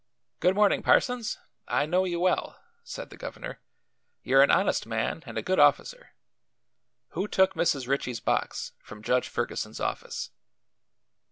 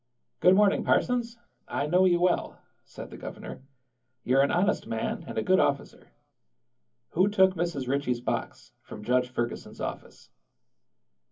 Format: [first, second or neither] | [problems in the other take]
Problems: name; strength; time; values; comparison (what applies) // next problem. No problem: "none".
first | room echo; dies away in 0.3 s